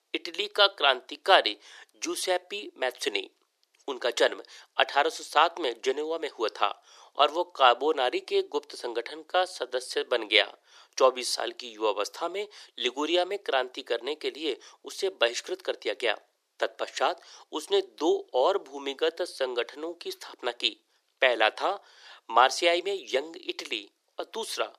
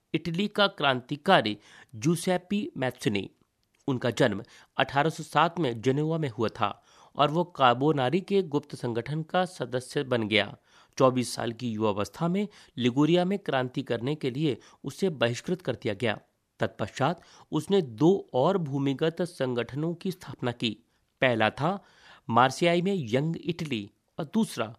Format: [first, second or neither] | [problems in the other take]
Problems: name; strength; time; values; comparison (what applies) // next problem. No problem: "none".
second | thin; very; fading below 350 Hz